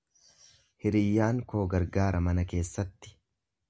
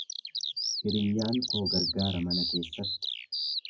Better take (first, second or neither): first